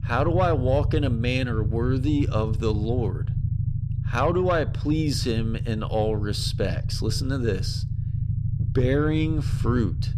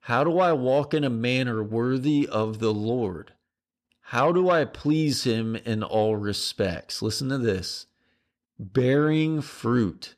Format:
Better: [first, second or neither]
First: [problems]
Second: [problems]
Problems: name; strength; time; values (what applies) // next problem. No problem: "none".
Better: second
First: low rumble; noticeable; throughout; 15 dB below the speech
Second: none